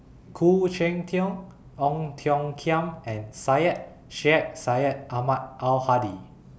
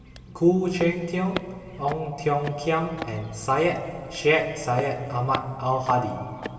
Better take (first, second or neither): first